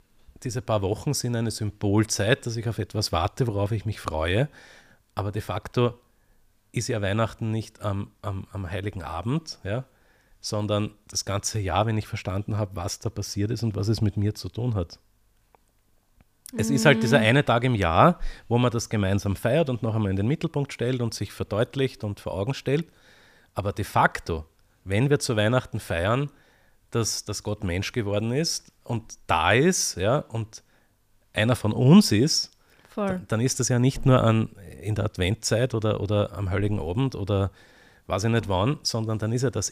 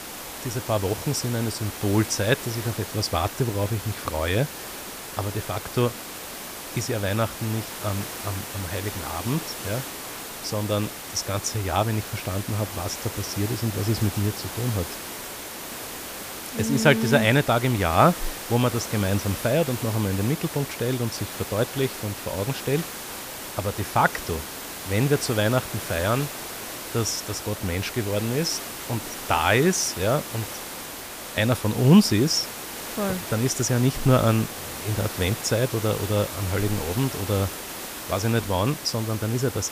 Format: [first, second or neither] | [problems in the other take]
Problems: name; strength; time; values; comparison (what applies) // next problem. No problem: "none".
first | hiss; loud; throughout; 8 dB below the speech